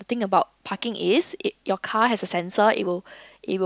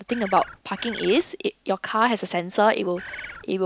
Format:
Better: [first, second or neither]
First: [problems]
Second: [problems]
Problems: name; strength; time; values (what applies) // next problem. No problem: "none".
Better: first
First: none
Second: background sound (Bird); 13 dB below the speech